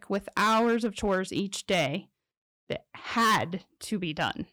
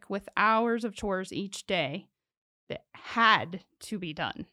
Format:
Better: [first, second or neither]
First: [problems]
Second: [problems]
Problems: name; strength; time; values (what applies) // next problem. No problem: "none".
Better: second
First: distortion; heavy; 5% of the sound clipped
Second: none